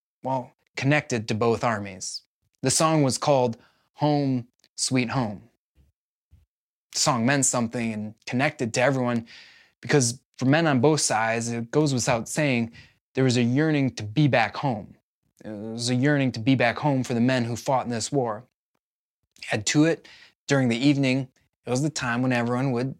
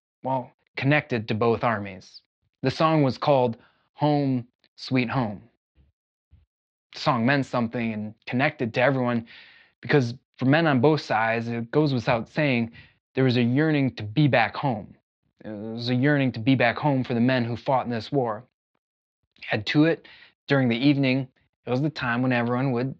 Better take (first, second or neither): first